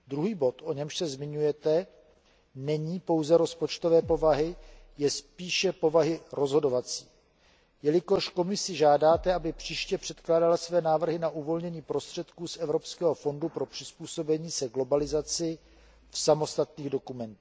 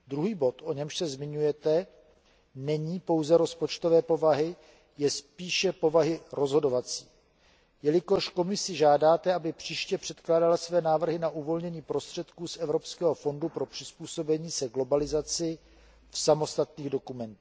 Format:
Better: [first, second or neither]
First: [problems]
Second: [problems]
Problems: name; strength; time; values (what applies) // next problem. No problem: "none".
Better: second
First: background sound (Bass drum); 19 dB below the speech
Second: none